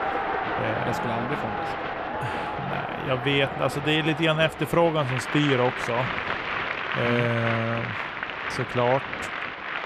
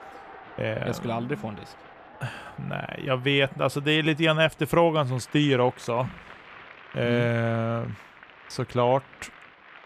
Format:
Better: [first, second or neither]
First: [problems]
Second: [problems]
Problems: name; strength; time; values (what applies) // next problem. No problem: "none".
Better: second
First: crowd noise; loud; throughout; 4 dB below the speech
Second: crowd noise; faint; throughout; 20 dB below the speech